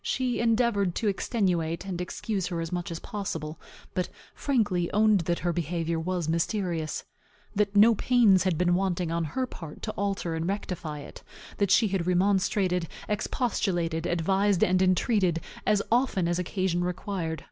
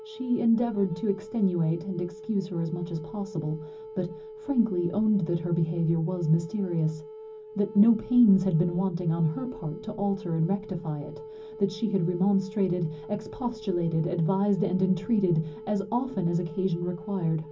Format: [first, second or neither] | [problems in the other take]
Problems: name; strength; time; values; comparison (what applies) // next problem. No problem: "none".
first | background sound (Wind instrument, woodwind instrument); 16 dB below the speech // room echo; dies away in 0.4 s